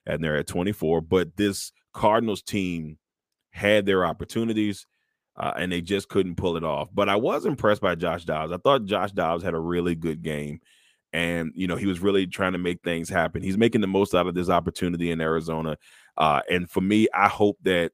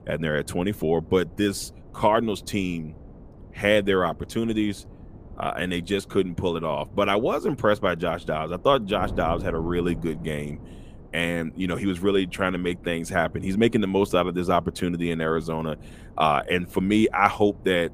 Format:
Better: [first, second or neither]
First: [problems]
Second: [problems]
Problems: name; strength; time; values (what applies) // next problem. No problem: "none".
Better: first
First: none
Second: wind noise on the microphone; occasional gusts; 25 dB below the speech